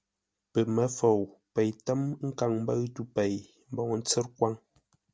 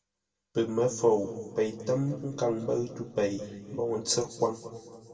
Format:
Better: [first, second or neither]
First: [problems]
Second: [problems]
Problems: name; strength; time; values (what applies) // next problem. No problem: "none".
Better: first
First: none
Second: room echo; dies away in 2.1 s